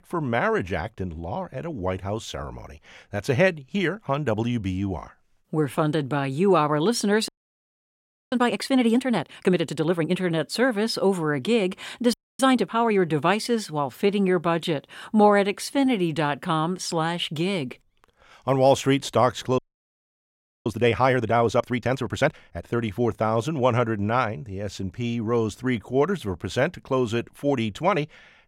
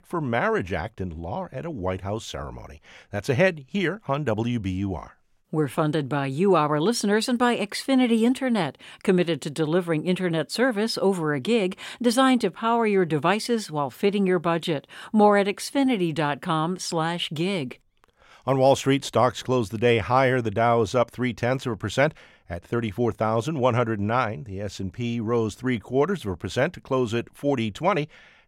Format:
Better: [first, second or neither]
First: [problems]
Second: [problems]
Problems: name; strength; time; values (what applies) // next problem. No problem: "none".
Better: second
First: audio freezing; at 7.5 s for 1 s, at 12 s and at 20 s for 1 s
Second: none